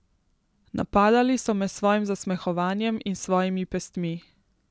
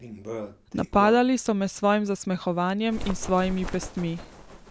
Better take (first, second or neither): first